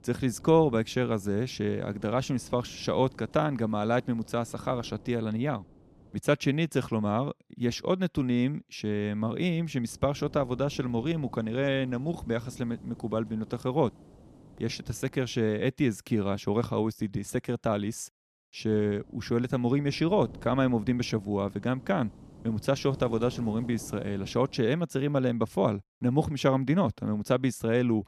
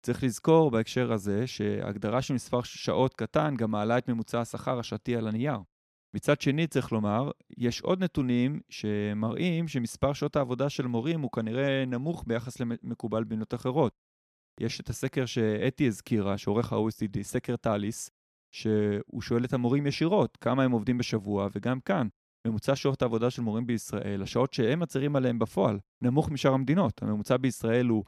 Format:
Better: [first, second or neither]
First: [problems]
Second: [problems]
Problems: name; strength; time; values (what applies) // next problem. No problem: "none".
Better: second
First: wind noise on the microphone; occasional gusts; until 6 s, from 9.5 to 15 s and from 19 to 25 s; 25 dB below the speech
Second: none